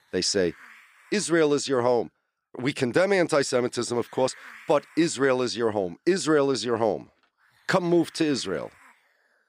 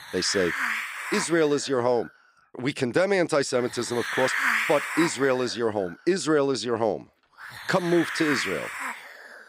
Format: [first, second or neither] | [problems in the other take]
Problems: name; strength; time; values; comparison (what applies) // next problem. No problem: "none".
first | hiss; loud; throughout; 3 dB below the speech; faint in the first